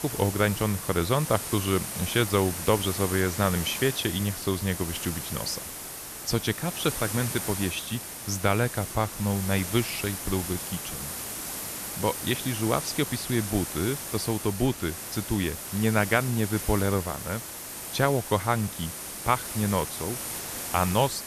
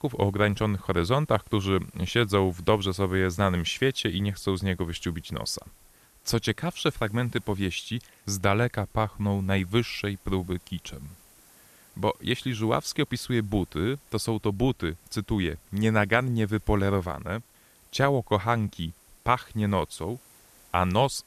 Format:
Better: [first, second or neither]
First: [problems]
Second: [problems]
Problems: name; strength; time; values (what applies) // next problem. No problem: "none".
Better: second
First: hiss; loud; throughout; 5 dB below the speech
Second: hiss; faint; throughout; 25 dB below the speech